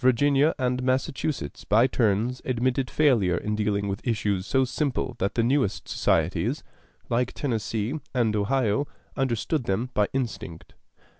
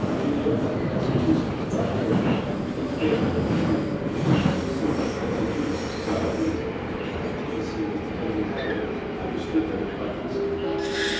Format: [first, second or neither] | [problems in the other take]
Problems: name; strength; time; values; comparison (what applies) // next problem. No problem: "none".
first | background sound (Subway, metro, underground); 3 dB above the speech // room echo; dies away in 1.1 s